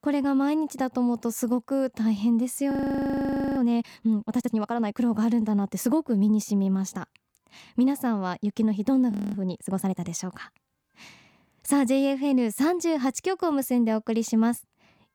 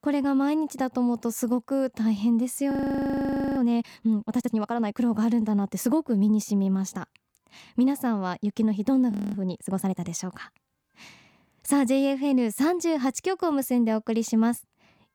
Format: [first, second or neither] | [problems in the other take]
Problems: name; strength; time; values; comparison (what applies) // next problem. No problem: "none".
neither | audio freezing; at 2.5 s for 1 s and at 9 s; the same in both